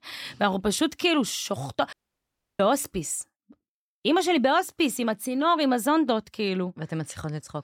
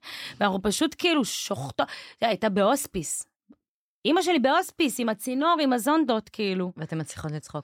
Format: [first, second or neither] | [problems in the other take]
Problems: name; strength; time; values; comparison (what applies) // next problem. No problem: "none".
second | audio cutting out; at 2 s for 0.5 s